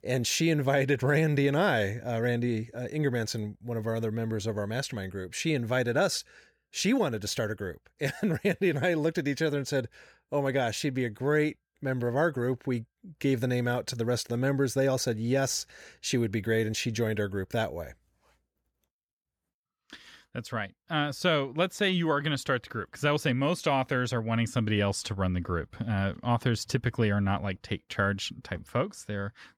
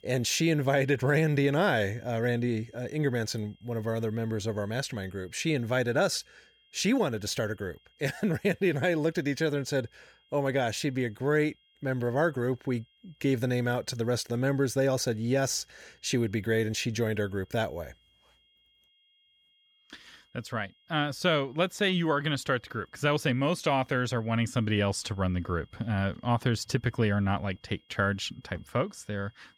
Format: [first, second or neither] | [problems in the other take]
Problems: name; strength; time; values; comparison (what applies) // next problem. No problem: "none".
first | high-pitched whine; faint; throughout; 3.5 kHz, 35 dB below the speech